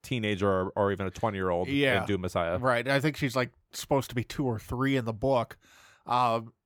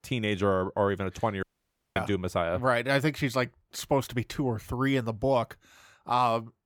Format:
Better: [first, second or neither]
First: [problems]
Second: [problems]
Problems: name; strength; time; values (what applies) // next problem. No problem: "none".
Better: first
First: none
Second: audio cutting out; at 1.5 s for 0.5 s